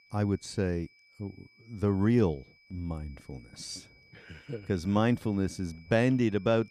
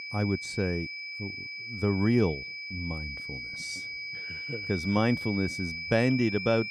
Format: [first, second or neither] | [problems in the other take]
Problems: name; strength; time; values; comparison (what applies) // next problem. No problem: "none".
first | high-pitched whine; loud; throughout; 2.5 kHz, 6 dB below the speech; faint in the first